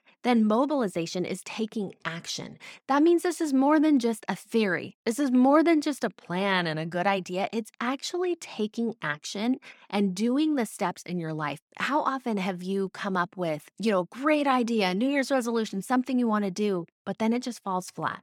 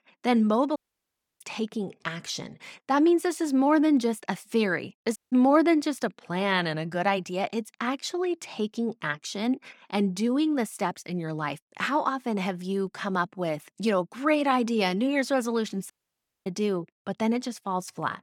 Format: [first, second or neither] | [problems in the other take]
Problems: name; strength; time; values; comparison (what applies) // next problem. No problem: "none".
first | audio cutting out; at 1 s for 0.5 s, at 5 s and at 16 s for 0.5 s